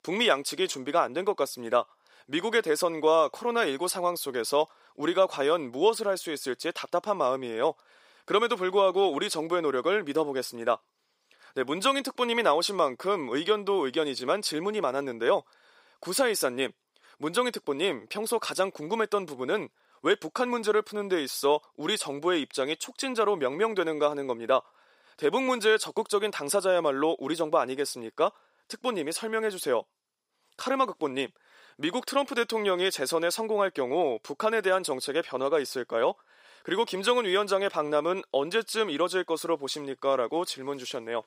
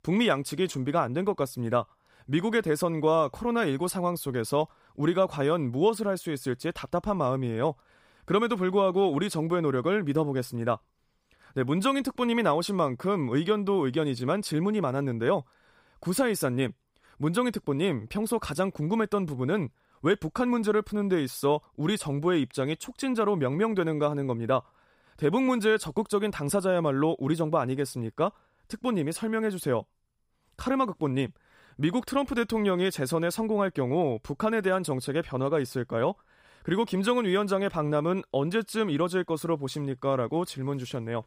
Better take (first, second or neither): second